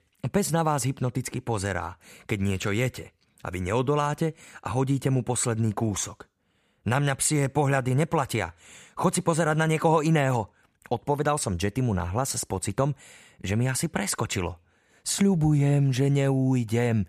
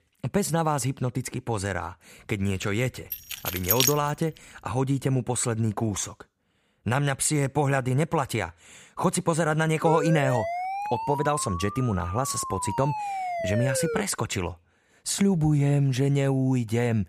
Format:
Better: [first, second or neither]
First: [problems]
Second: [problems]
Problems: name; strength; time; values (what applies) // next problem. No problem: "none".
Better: first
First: none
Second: jangling keys; loud; at 3 s; peak 4 dB above the speech // siren; noticeable; from 10 to 14 s; peak 3 dB below the speech